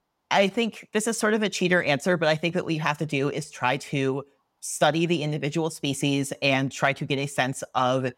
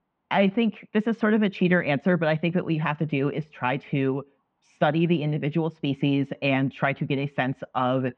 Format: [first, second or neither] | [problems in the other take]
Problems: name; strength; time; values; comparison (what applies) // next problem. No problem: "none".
first | muffled; very; fading above 3 kHz